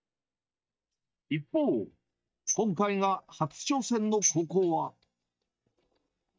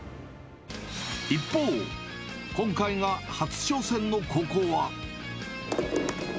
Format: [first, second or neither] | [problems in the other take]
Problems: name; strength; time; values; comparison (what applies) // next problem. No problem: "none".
second | noise reduction (neural mask model DeepFilterNet 3)